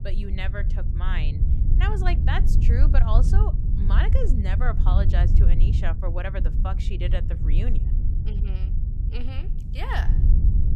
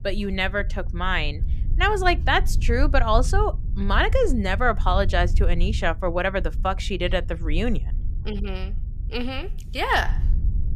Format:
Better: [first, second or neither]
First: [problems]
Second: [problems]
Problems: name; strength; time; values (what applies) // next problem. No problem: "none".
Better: second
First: low rumble; loud; throughout; 6 dB below the speech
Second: low rumble; faint; throughout; 20 dB below the speech